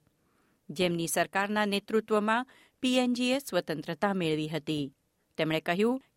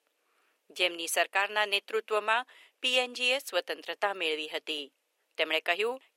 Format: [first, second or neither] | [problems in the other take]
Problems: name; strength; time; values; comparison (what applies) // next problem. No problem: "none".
first | thin; very; fading below 450 Hz